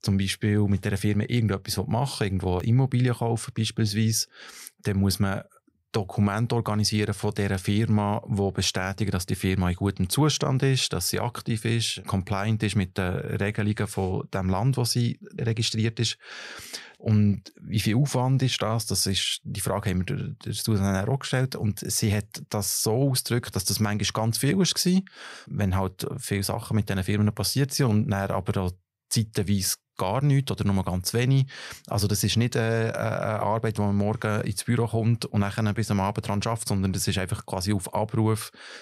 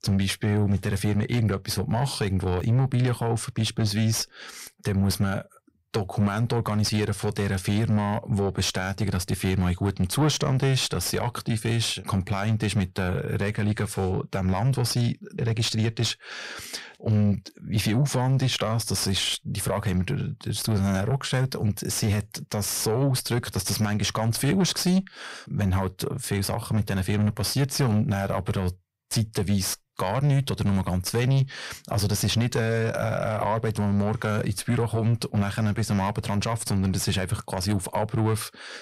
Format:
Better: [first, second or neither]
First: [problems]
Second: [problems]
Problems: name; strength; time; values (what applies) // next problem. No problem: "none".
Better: first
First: none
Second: distortion; slight; 10 dB below the speech